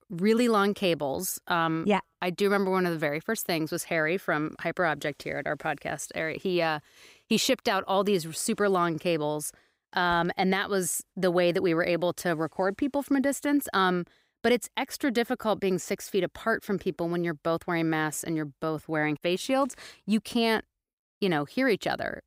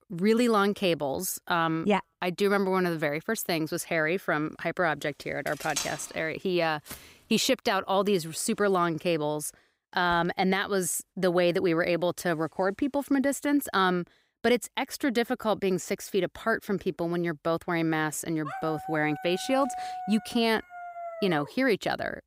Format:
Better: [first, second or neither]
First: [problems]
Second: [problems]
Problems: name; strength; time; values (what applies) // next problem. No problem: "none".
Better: first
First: none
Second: clattering dishes; noticeable; at 5.5 s; peak 4 dB below the speech // footsteps; faint; at 7 s; peak 15 dB below the speech // dog barking; noticeable; from 18 to 22 s; peak 8 dB below the speech